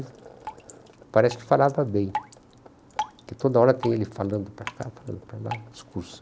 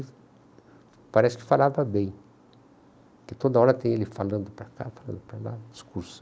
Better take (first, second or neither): second